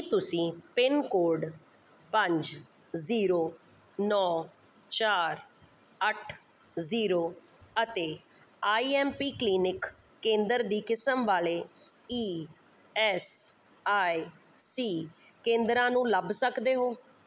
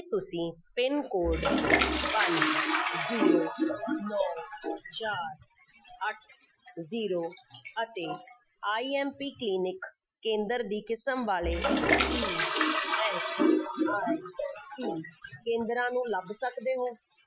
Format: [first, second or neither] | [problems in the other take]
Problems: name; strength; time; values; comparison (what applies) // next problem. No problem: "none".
first | noise reduction (classical method Wiener filter)